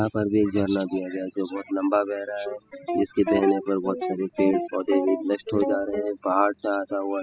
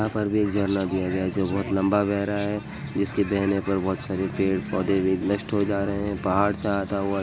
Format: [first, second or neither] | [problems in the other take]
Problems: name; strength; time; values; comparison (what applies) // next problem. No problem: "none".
second | noise reduction (classical method spectral subtraction)